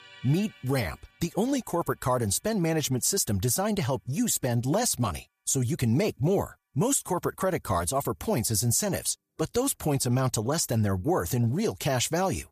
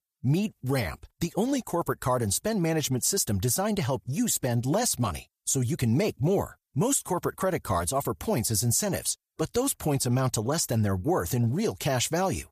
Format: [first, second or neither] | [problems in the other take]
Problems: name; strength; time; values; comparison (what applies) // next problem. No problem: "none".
second | background music; faint; throughout; 30 dB below the speech